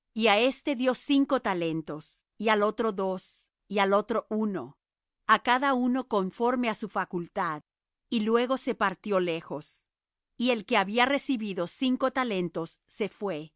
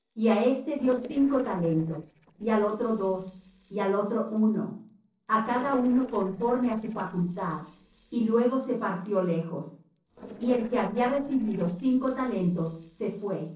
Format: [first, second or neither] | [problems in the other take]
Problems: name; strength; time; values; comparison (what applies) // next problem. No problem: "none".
first | noise reduction (neural separator model SepFormer DNS4)